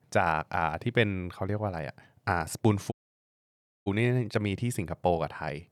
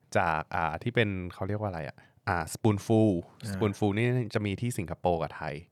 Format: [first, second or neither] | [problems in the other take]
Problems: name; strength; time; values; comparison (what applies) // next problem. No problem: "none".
second | audio cutting out; at 3 s for 1 s